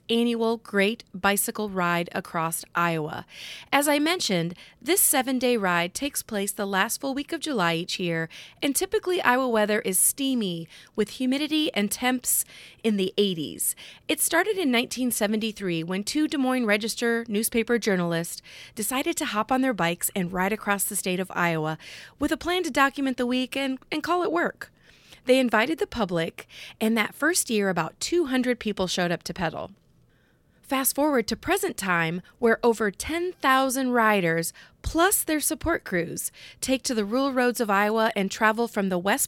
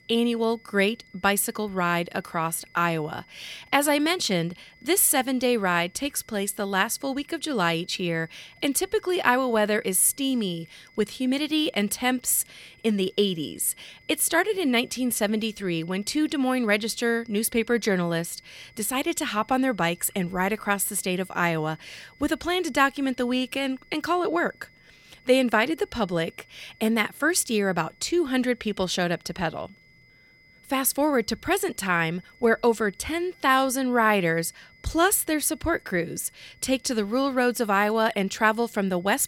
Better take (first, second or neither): first